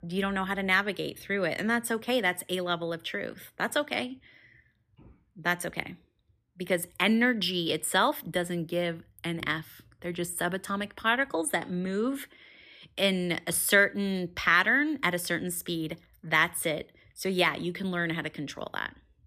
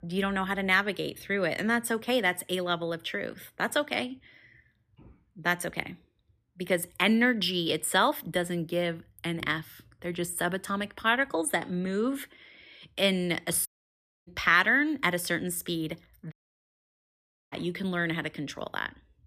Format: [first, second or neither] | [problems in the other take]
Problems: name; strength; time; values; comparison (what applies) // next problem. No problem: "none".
first | audio cutting out; at 14 s for 0.5 s and at 16 s for 1 s